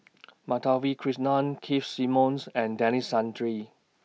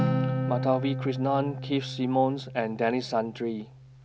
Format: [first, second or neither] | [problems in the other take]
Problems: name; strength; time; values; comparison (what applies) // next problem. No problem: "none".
first | background sound (Acoustic guitar); 3 dB below the speech